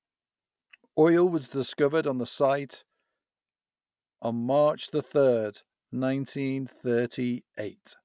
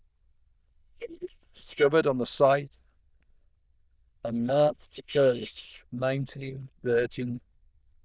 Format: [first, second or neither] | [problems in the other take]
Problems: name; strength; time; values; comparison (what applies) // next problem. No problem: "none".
first | noise reduction (neural diffusion model UNIVERSE++)